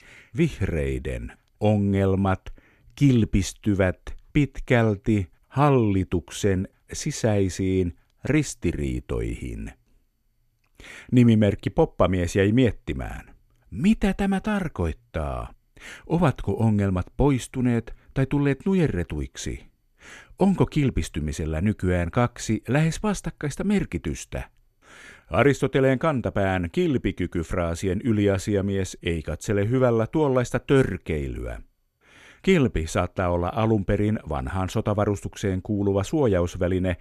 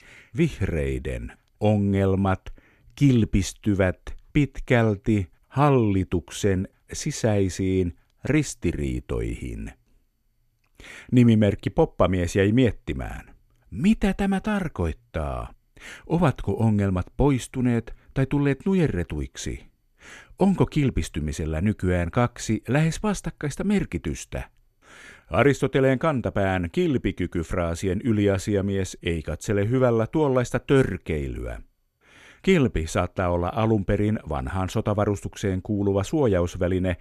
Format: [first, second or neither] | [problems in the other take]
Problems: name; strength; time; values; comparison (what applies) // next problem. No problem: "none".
neither | none